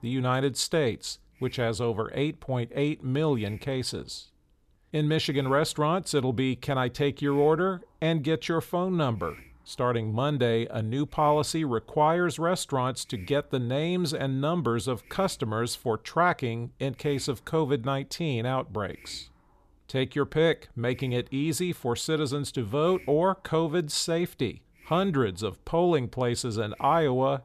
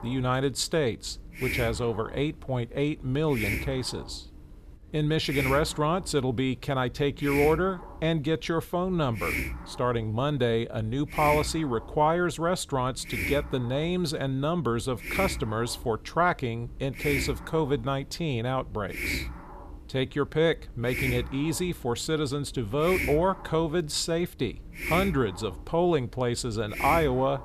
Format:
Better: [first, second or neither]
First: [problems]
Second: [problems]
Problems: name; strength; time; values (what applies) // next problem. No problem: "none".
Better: first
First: hiss; faint; throughout; 25 dB below the speech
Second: hiss; loud; throughout; 6 dB below the speech